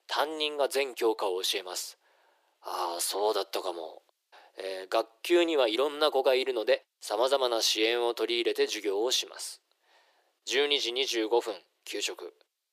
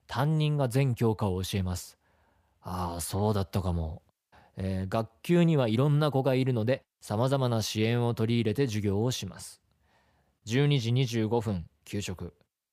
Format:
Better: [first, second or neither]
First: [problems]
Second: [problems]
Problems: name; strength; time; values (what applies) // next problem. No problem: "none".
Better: second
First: thin; very; fading below 350 Hz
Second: none